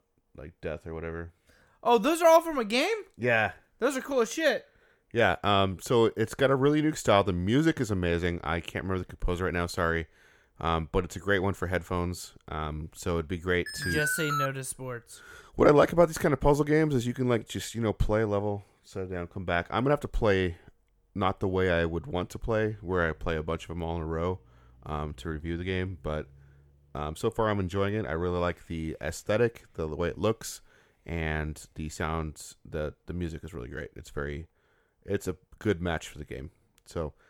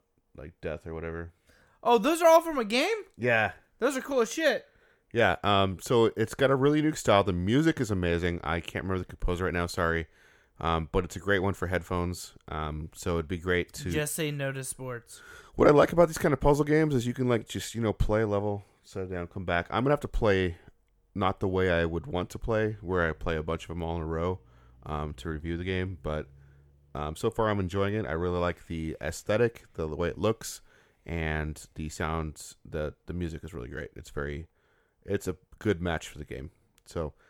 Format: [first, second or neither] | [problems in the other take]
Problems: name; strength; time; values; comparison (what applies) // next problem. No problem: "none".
second | alarm; noticeable; at 14 s; peak level with the speech